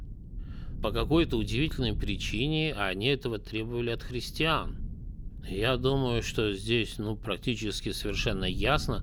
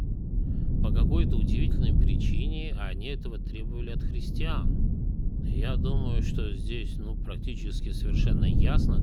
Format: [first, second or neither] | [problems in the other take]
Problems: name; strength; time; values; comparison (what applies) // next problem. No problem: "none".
first | low rumble; loud; throughout; 1 dB below the speech; faint in the first